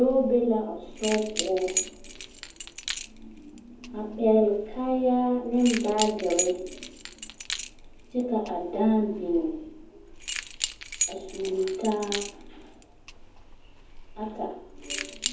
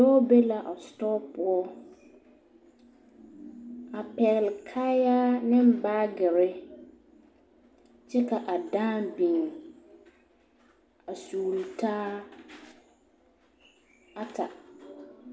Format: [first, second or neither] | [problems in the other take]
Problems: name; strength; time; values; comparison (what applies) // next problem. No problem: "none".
second | background sound (Keys jangling); 9 dB below the speech // room echo; dies away in 0.7 s